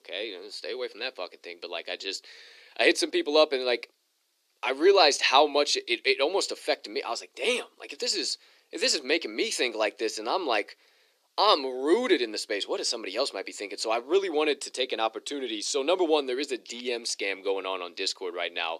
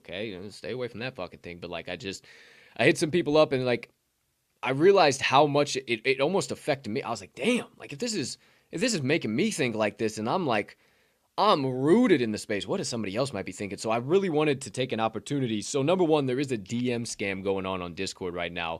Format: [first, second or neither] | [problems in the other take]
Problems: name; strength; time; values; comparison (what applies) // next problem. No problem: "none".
second | thin; somewhat; fading below 300 Hz